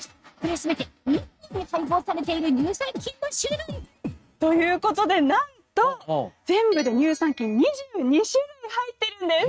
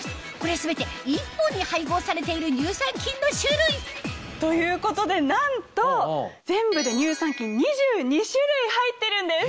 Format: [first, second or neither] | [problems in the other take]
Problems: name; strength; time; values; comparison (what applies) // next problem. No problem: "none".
second | noise reduction (neural mask model RNNoise)